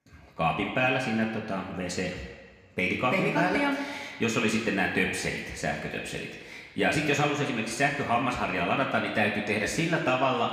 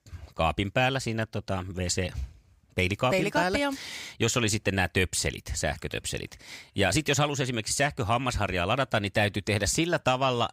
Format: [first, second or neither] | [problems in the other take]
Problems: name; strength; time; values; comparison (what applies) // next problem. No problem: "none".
second | room echo; noticeable; dies away in 1.6 s // off-mic speech; somewhat distant